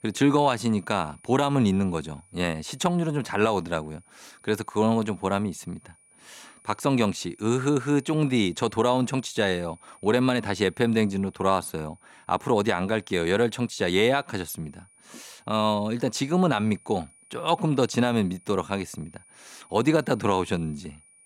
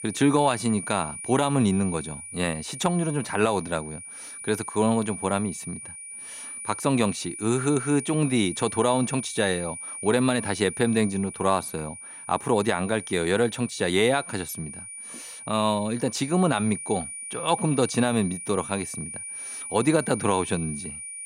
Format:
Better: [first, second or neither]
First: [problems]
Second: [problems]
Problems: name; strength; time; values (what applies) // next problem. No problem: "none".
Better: first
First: high-pitched whine; faint; throughout; 9.5 kHz, 30 dB below the speech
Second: high-pitched whine; loud; throughout; 9.5 kHz, 10 dB below the speech